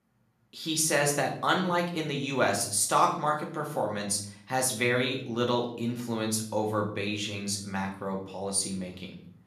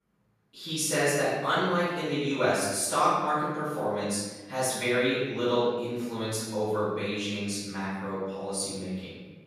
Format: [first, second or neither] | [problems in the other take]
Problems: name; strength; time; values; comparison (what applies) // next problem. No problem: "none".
first | room echo; strong; dies away in 1.1 s; slight in the first // off-mic speech; far; somewhat distant in the first